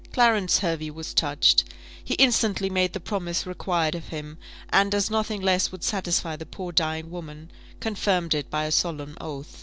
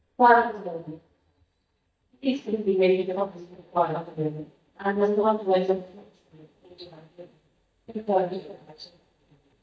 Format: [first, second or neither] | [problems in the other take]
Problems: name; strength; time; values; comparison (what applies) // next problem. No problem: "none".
first | noise reduction (neural mask model DeepFilterNet 3)